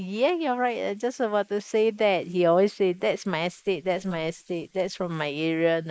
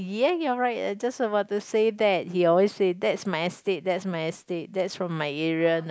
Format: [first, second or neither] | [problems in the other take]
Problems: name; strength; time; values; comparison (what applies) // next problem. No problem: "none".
second | noise reduction (neural mask model Resemble Enhance denoiser)